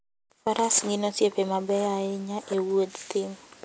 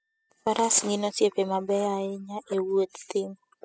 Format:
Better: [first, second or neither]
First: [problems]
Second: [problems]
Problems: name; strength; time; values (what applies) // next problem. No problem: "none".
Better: first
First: none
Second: noise reduction (classical method spectral subtraction)